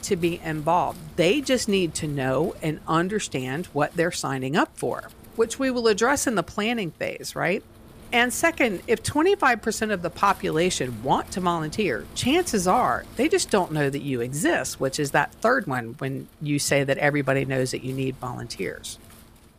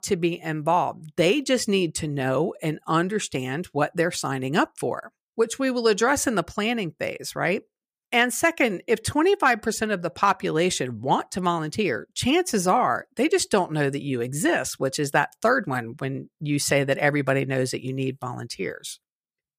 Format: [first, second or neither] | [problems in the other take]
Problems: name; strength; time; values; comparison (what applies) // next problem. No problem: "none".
second | wind noise on the microphone; occasional gusts; 25 dB below the speech